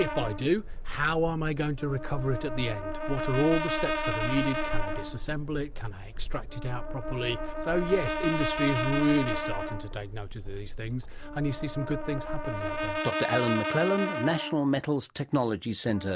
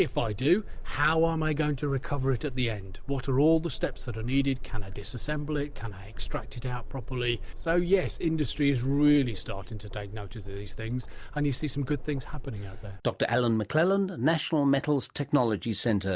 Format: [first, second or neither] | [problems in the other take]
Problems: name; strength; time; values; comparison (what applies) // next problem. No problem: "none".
second | background sound (Brass instrument); 6 dB below the speech